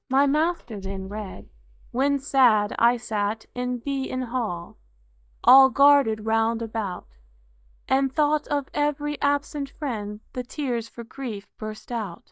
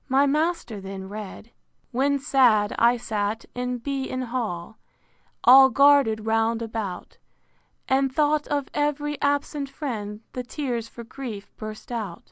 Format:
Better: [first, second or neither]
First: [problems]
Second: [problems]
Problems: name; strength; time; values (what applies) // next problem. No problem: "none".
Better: second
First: noise reduction (neural mask model DeepFilterNet 3)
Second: none